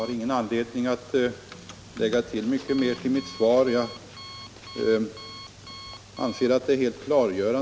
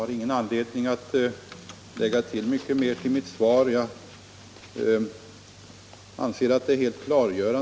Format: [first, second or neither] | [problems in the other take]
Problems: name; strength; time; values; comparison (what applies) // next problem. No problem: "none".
second | background sound (Alarm); 20 dB below the speech